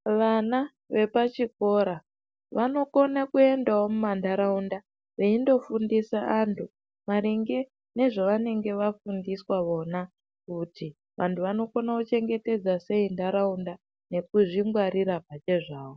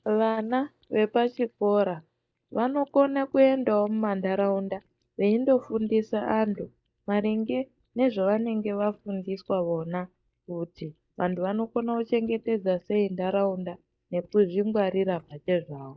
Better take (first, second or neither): first